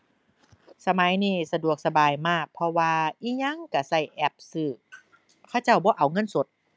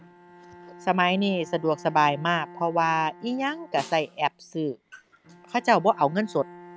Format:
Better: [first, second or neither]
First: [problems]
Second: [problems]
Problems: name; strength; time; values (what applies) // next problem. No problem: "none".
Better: first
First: none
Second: background sound (Snare drum + Bowed string instrument); 20 dB below the speech